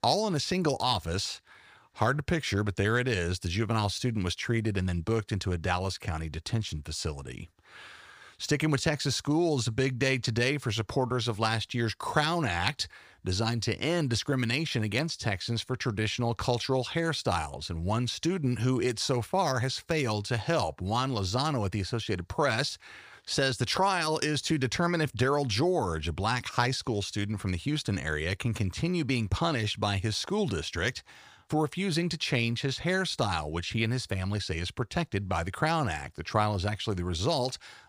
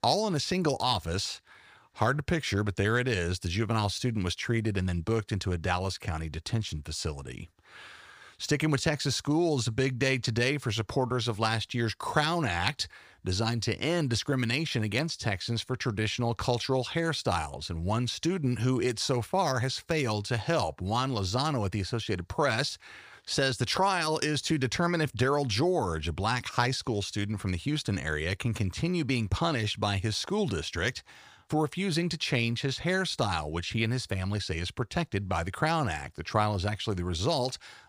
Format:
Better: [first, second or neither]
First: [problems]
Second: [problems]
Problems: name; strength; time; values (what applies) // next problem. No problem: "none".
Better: neither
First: none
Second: none